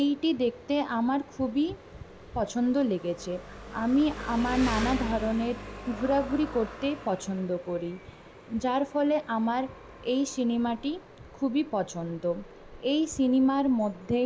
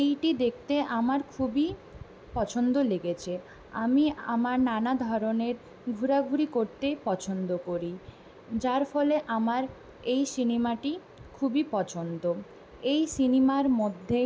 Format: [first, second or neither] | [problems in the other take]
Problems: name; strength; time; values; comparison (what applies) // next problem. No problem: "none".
second | background sound (Engine); 14 dB below the speech